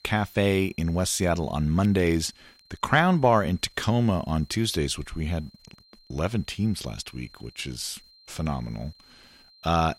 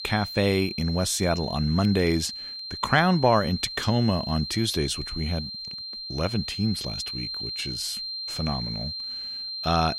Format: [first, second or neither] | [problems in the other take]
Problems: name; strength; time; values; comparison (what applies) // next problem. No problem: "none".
first | high-pitched whine; loud; throughout; 4 kHz, 6 dB below the speech; faint in the first